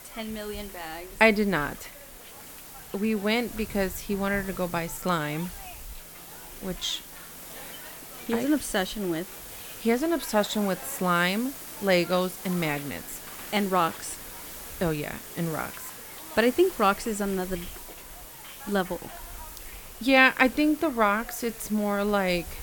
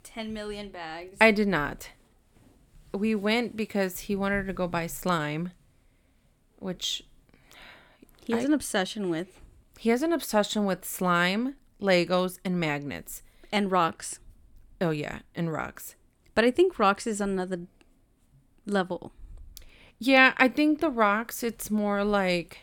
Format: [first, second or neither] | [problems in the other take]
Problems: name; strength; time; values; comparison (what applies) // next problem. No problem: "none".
second | hiss; noticeable; throughout; 15 dB below the speech